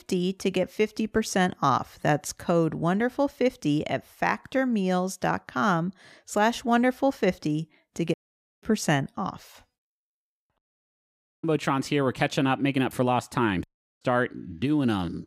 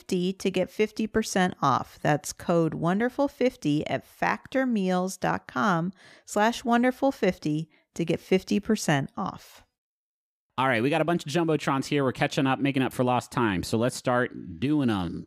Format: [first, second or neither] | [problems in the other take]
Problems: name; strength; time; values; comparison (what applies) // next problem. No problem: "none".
second | audio cutting out; at 8 s, at 11 s for 1 s and at 14 s